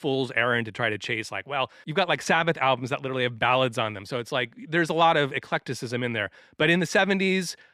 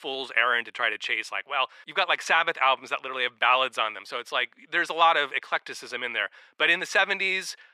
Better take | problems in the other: first | thin; very; fading below 500 Hz

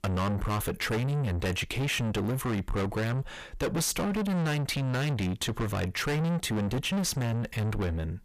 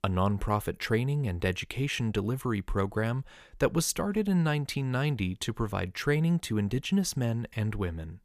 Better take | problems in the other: second | distortion; heavy; 6 dB below the speech

